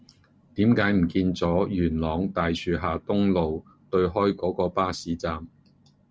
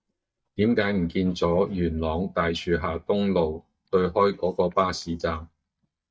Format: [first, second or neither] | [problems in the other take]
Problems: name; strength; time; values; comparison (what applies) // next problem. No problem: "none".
first | noise reduction (neural mask model DeepFilterNet 3)